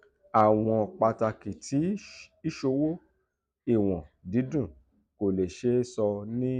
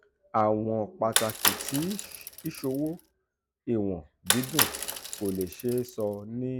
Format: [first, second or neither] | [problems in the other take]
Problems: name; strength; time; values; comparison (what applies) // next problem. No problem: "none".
first | background sound (Bicycle); 1 dB below the speech